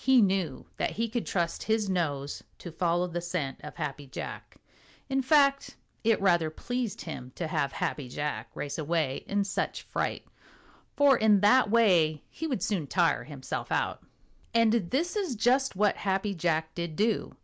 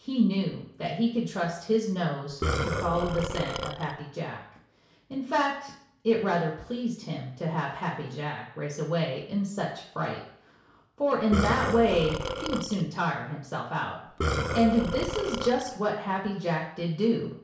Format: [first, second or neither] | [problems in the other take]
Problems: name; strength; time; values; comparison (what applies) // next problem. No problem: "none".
first | background sound (Burping, eructation); 2 dB below the speech // room echo; dies away in 0.6 s